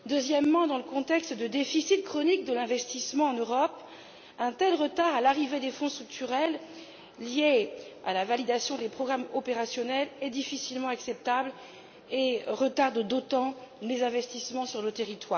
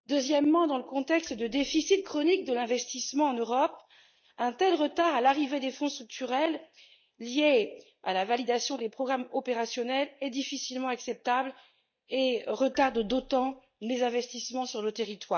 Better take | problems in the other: first | noise reduction (neural mask model DeepFilterNet 3)

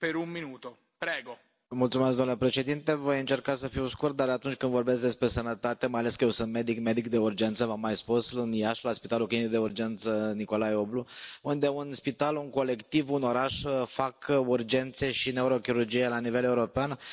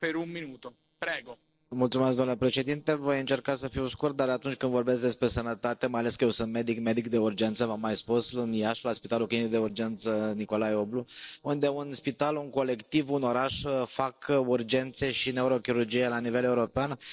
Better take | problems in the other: first | noise reduction (neural separator model SepFormer DNS4)

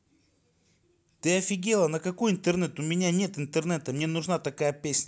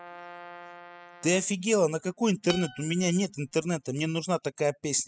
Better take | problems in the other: first | noise reduction (classical method spectral subtraction)

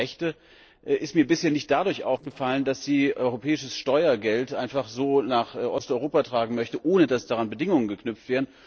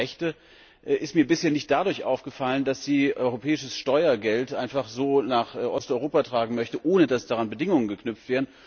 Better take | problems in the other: second | noise reduction (neural separator model SepFormer DNS4)

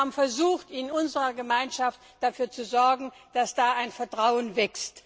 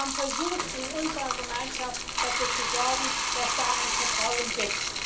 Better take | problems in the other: first | background sound (Bathtub (filling or washing)); 4 dB above the speech // room echo; dies away in 0.4 s

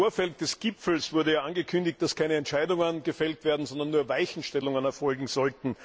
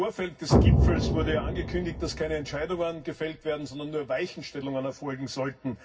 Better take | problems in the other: first | background sound (Explosion); 5 dB above the speech // room echo; dies away in 0.4 s

